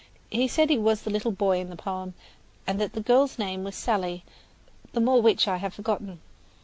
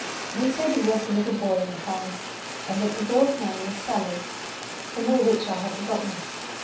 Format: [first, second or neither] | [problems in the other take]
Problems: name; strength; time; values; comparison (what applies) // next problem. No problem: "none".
first | background sound (Fire); 8 dB below the speech // room echo; dies away in 0.7 s